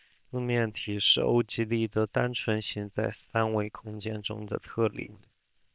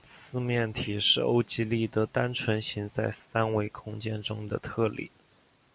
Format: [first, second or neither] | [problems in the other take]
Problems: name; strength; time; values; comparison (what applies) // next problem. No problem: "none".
second | noise reduction (neural separator model SepFormer WHAM!)